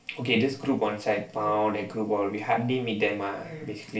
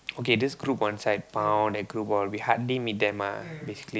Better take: second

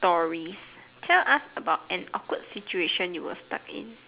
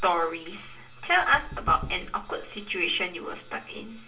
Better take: first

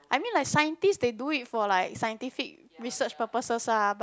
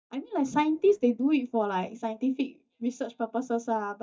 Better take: first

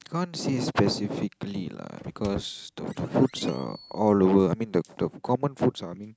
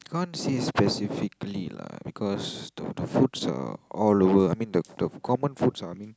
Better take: second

